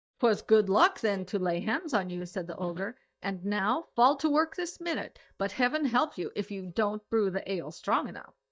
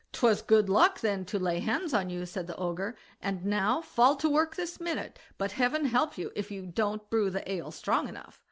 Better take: second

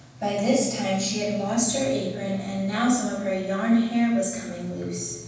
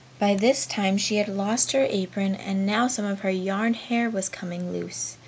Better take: second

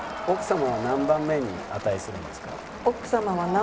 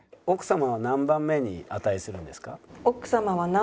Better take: second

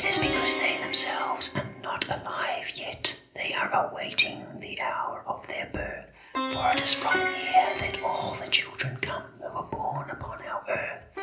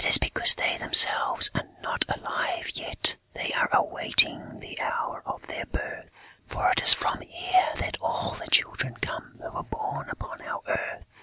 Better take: second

